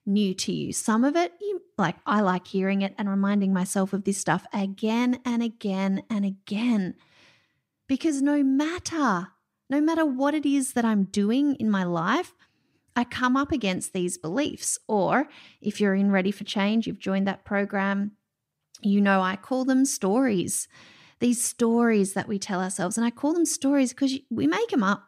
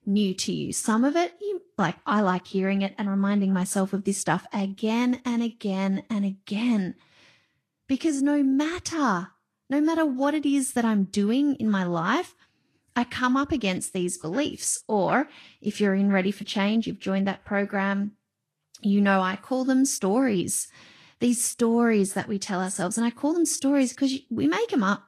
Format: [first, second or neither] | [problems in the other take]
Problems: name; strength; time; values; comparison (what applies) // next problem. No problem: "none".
first | garbled, watery; slightly; nothing above 12 kHz